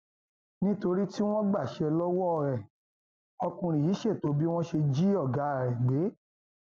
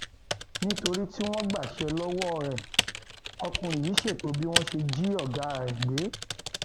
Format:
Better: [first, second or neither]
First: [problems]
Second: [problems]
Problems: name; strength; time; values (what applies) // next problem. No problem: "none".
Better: first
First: none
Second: background sound (Typing); 3 dB below the speech